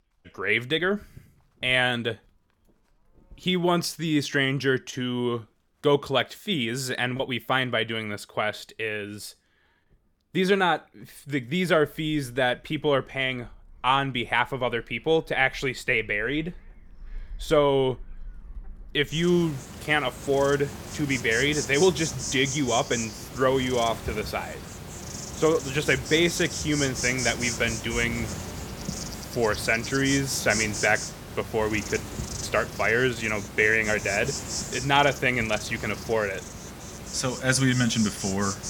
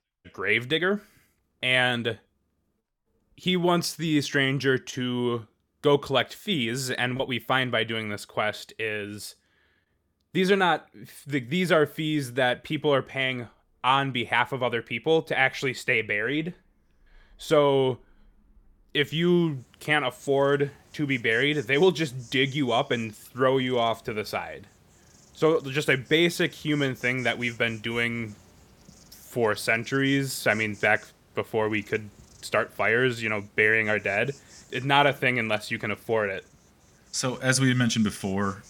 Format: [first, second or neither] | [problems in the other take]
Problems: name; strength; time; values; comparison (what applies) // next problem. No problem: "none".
second | animal sounds; loud; throughout; 8 dB below the speech; faint in the second